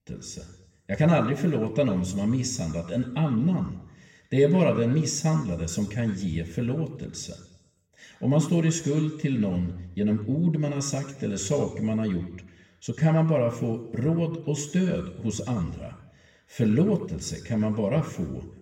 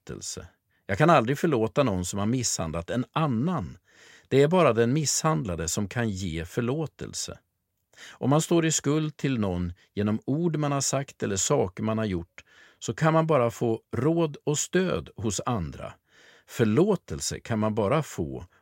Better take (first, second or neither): second